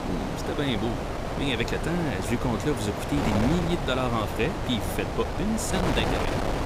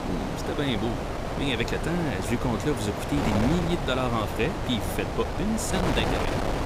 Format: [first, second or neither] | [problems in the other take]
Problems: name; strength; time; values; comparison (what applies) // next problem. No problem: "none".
neither | wind noise on the microphone; heavy; as loud as the speech; the same in both